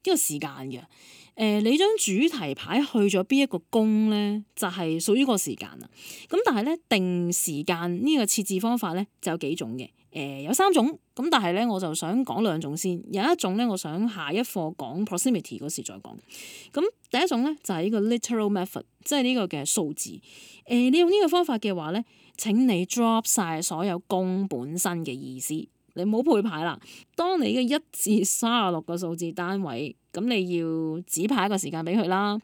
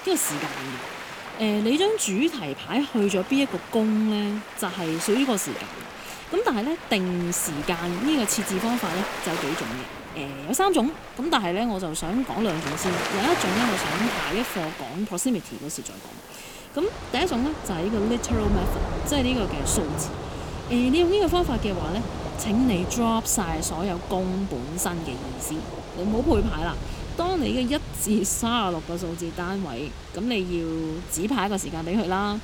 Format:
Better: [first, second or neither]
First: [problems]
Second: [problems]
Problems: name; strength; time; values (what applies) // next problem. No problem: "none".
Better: first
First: none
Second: rain or running water; loud; throughout; 7 dB below the speech